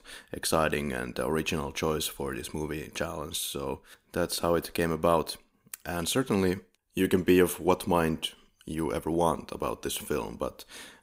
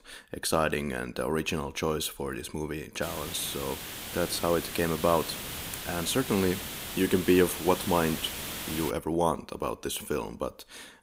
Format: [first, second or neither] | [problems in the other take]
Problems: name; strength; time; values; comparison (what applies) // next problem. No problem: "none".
first | hiss; loud; from 3 to 9 s; 6 dB below the speech